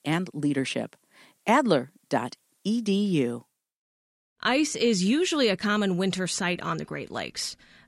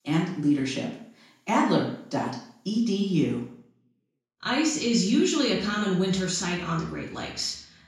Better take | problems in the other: first | room echo; noticeable; dies away in 0.5 s // off-mic speech; far

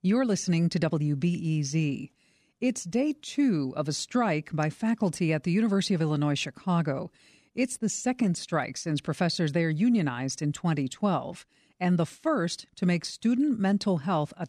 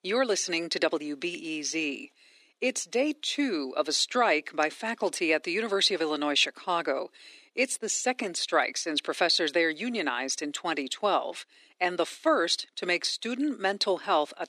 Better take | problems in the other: first | thin; very; fading below 350 Hz

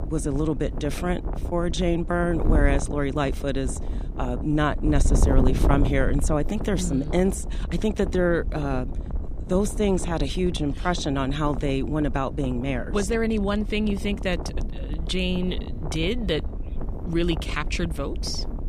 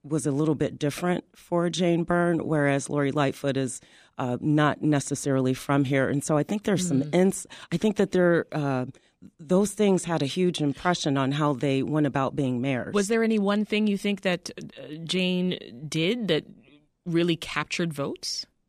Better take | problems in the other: second | wind noise on the microphone; occasional gusts; 10 dB below the speech

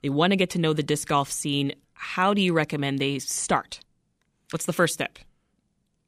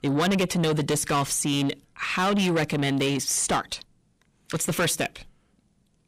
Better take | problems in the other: first | distortion; heavy; 7 dB below the speech

